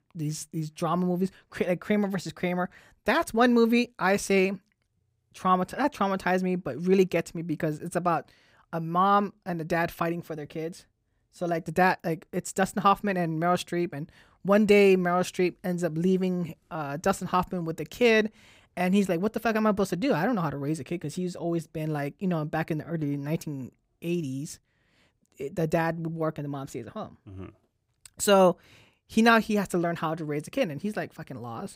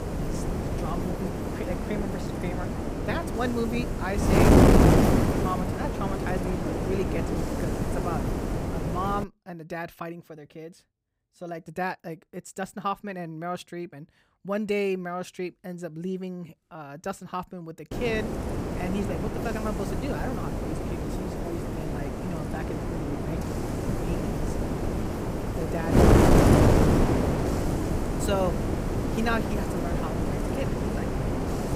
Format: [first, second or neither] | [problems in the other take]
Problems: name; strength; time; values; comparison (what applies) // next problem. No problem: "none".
first | wind noise on the microphone; heavy; until 9 s and from 18 s on; 5 dB above the speech